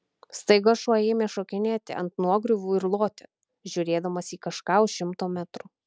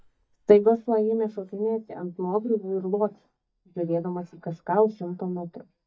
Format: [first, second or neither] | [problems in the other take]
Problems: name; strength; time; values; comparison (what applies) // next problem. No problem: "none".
first | noise reduction (neural mask model DeepFilterNet 3)